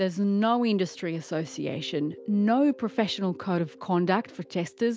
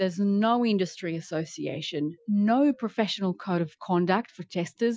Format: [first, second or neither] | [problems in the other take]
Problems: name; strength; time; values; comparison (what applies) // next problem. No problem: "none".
first | noise reduction (classical method Wiener filter)